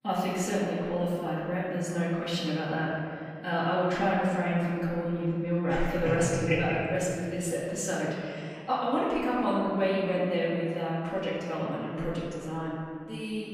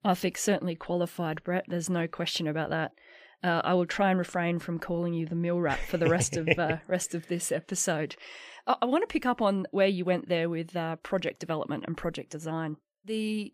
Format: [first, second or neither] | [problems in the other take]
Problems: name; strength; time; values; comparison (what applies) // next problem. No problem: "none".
second | room echo; strong; dies away in 2.1 s // off-mic speech; far